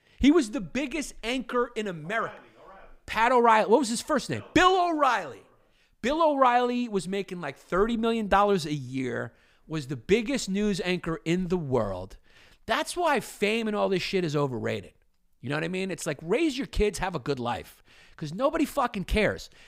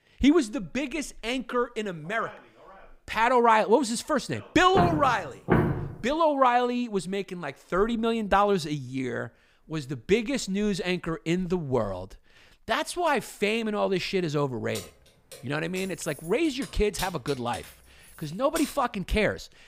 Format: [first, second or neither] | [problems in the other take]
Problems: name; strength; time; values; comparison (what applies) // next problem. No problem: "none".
first | footsteps; loud; from 5 to 6 s; peak 2 dB above the speech // jangling keys; faint; from 15 to 19 s; peak 10 dB below the speech